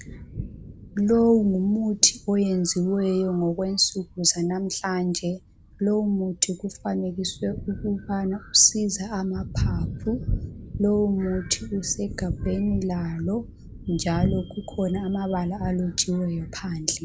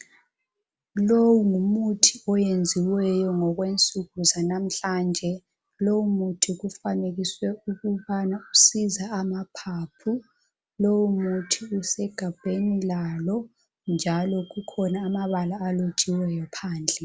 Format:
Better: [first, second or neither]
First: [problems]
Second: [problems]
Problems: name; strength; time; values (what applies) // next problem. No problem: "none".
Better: second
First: background sound (Thunder); 10 dB below the speech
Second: none